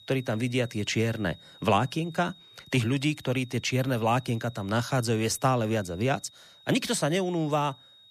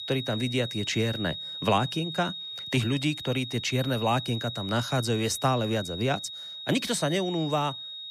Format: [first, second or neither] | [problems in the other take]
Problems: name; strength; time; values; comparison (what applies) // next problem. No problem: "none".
first | high-pitched whine; loud; throughout; 3.5 kHz, 7 dB below the speech; faint in the first